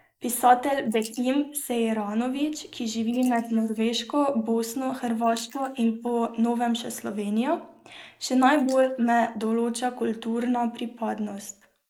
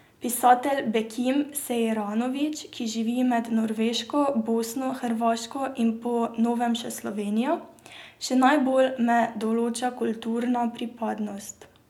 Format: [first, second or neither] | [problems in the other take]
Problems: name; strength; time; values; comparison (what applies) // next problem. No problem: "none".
second | noise reduction (neural mask model Resemble Enhance denoiser)